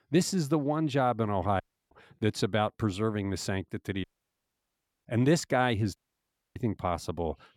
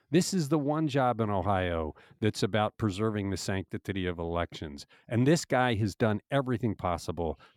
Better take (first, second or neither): second